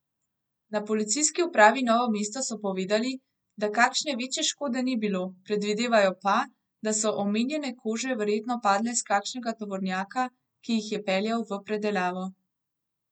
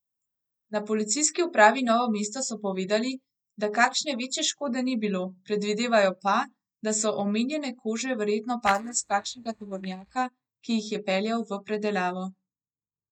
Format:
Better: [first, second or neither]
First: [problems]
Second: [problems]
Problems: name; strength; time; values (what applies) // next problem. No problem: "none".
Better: first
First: none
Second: noise reduction (neural mask model DeepFilterNet 3)